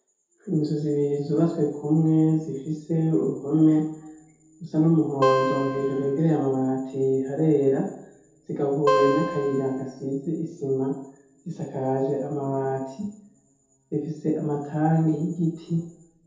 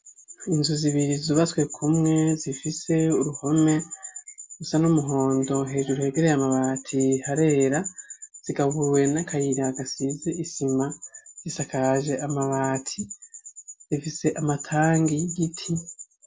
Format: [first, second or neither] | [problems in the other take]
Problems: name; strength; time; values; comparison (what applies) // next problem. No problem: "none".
second | background sound (Acoustic guitar); 2 dB below the speech // room echo; dies away in 0.8 s